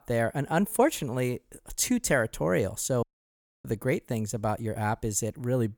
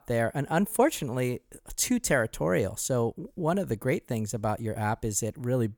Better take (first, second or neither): second